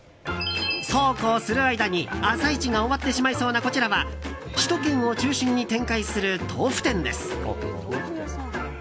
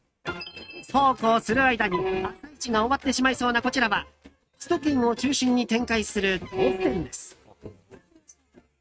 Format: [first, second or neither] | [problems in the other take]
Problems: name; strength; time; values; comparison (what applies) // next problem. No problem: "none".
first | noise reduction (neural mask model RNNoise)